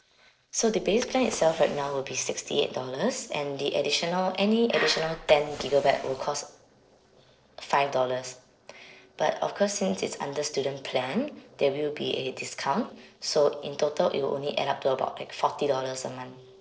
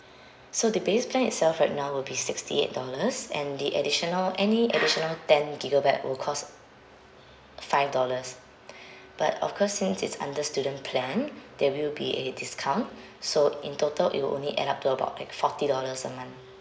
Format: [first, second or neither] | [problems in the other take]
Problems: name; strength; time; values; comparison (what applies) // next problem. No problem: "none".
second | noise reduction (neural separator model SepFormer DNS4)